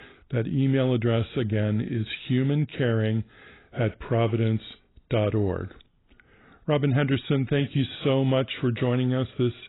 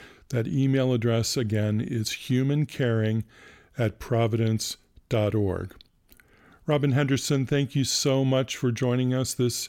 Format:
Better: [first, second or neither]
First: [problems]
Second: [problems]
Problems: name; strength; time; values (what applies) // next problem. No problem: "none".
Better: second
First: garbled, watery; badly; nothing above 4 kHz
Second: none